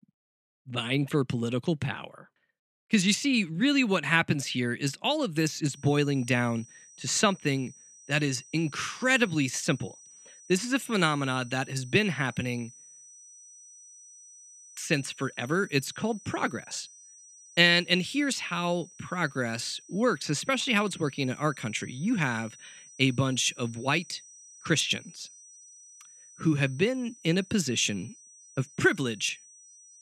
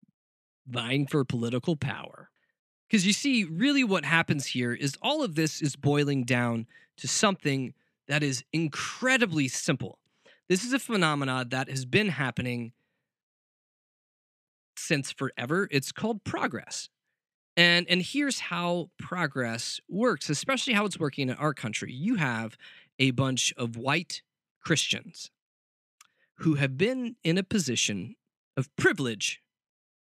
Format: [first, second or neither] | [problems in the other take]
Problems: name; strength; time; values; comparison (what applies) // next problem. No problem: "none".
second | high-pitched whine; faint; from 5.5 s on; 6 kHz, 20 dB below the speech